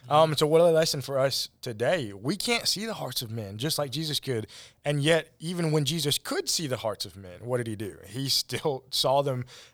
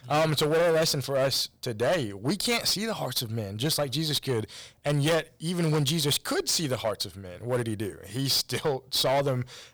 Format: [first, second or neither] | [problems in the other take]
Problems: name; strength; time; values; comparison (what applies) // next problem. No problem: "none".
first | distortion; heavy; 11% of the sound clipped